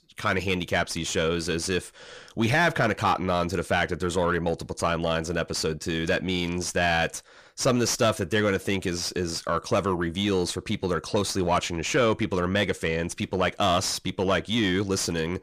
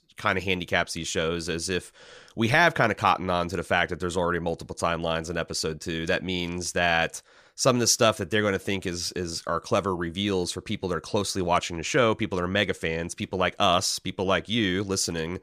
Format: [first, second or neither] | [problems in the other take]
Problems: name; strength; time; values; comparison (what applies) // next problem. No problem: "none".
second | distortion; slight; 10 dB below the speech